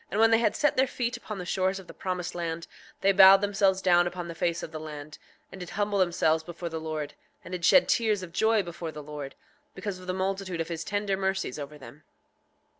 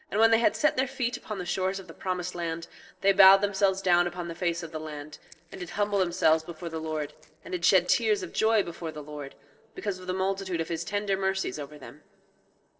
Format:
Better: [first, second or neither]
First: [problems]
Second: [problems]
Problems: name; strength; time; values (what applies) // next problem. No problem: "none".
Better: first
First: none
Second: noise reduction (neural separator model SepFormer DNS4)